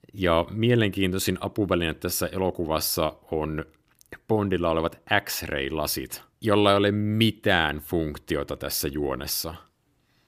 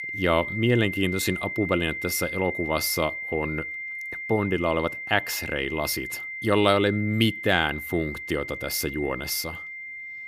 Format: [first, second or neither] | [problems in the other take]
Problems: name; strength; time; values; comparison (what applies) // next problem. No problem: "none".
first | high-pitched whine; loud; throughout; 2 kHz, 6 dB below the speech